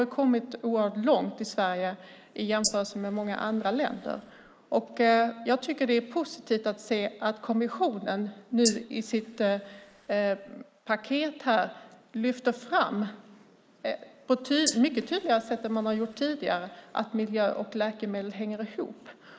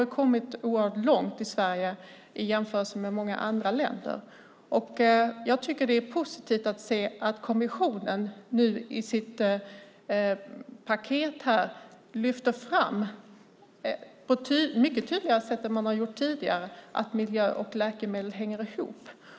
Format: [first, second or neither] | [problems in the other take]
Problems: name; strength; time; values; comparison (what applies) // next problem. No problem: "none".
second | noise reduction (neural mask model Resemble Enhance denoiser)